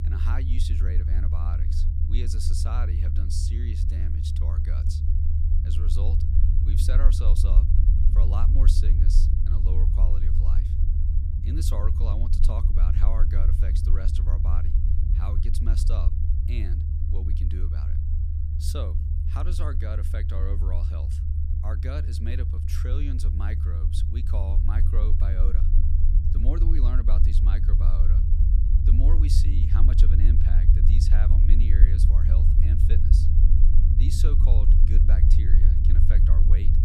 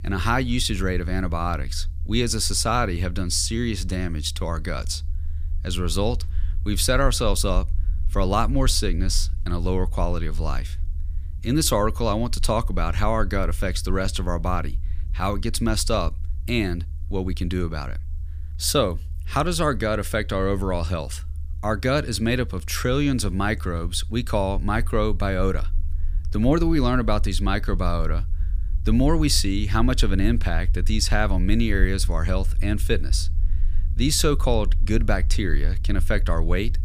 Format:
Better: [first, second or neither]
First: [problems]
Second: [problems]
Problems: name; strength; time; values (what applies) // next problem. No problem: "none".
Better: second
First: low rumble; loud; throughout; as loud as the speech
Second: low rumble; faint; throughout; 25 dB below the speech